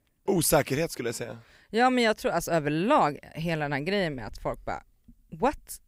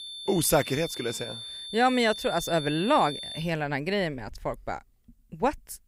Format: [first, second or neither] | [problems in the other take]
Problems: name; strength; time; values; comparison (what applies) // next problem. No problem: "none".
first | high-pitched whine; loud; until 3.5 s; 3.5 kHz, 9 dB below the speech